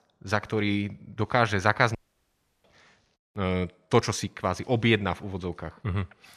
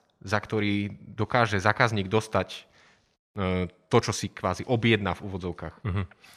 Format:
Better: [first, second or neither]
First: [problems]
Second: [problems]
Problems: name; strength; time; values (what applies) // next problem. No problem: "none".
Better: second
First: audio cutting out; at 2 s for 0.5 s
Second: none